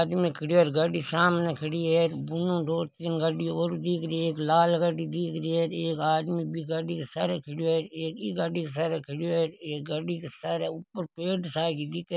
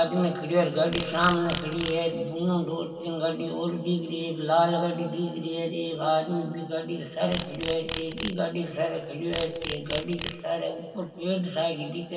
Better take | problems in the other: first | background sound (Insect); 11 dB below the speech // room echo; dies away in 2.2 s

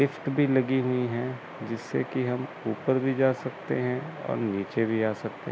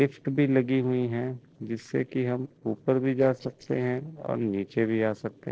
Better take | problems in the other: first | noise reduction (neural separator model SepFormer DNS4)

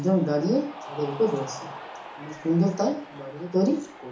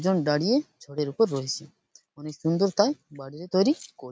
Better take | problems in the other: second | background sound (Cheering); 15 dB below the speech // room echo; dies away in 0.7 s

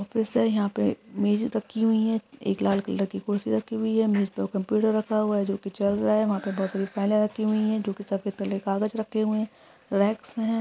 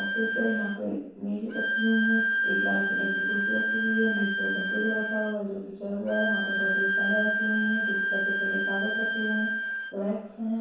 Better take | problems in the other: first | background sound (Bowed string instrument); 2 dB above the speech // room echo; dies away in 0.7 s

